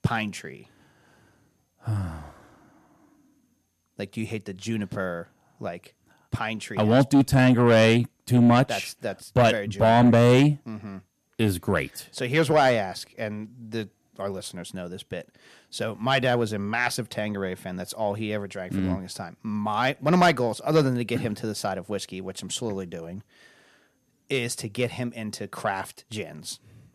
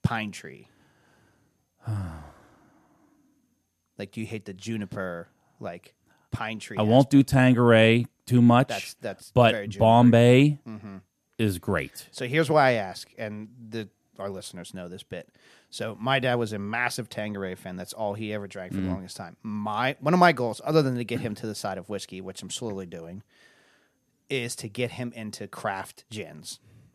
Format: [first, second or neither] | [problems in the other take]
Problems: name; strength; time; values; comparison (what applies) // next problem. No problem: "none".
second | distortion; slight; 10 dB below the speech